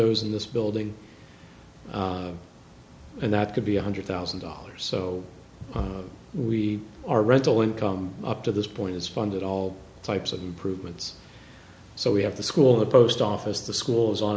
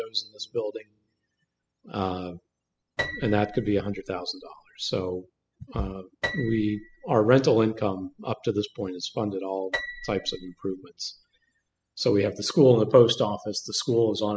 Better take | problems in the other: first | noise reduction (classical method spectral subtraction)

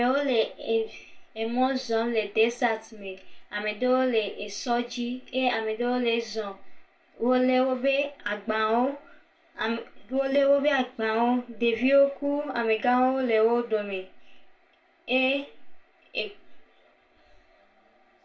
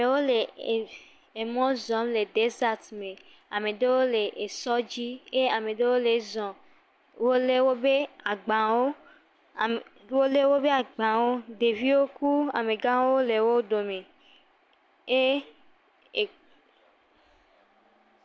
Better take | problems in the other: second | room echo; dies away in 0.2 s

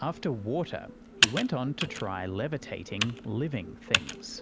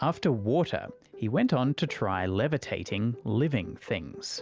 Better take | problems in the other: second | background sound (Computer keyboard); 1 dB below the speech

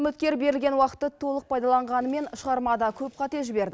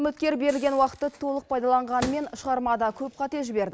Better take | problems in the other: first | background sound (Microwave oven); 17 dB below the speech

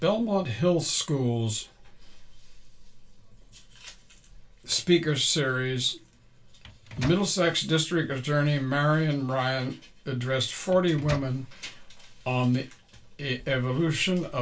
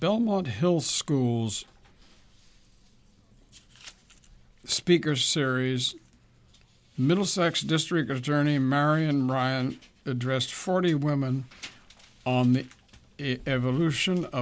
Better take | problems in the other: second | background sound (Microwave oven); 13 dB below the speech // room echo; dies away in 0.2 s

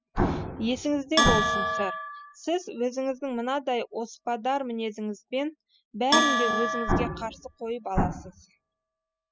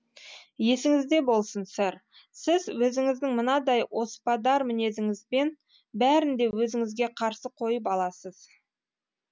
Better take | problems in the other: second | noise reduction (classical method spectral subtraction)

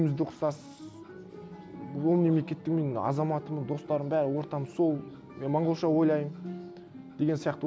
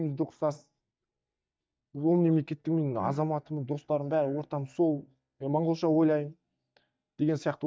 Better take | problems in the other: first | noise reduction (neural mask model DeepFilterNet 3)

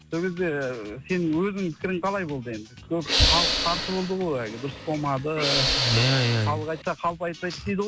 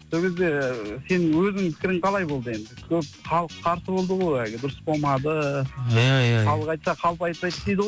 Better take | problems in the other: second | background sound (Hiss / Breathing); 1 dB above the speech

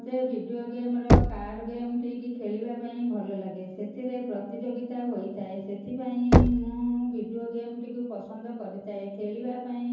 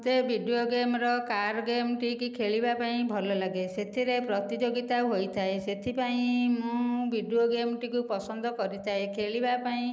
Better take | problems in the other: second | background sound (Knock); 4 dB above the speech // room echo; dies away in 0.9 s

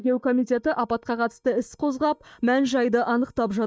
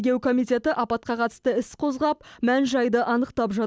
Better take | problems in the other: second | noise reduction (neural mask model DeepFilterNet 3)

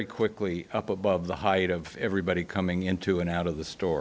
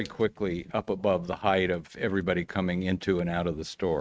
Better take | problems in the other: first | noise reduction (neural mask model RNNoise)

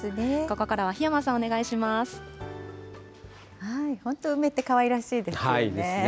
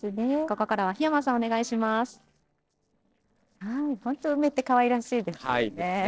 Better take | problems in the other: first | noise reduction (neural separator model SepFormer DNS4)

